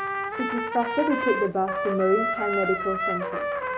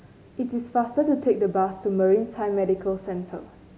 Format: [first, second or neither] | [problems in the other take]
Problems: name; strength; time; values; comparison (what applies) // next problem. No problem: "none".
second | background sound (Trumpet); 1 dB below the speech